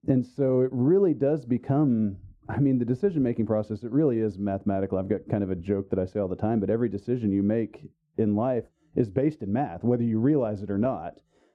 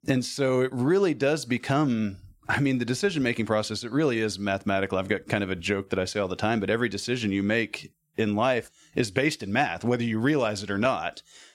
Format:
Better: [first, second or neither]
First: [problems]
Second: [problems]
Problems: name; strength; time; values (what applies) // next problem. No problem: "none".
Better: second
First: muffled; very; fading above 1.5 kHz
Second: none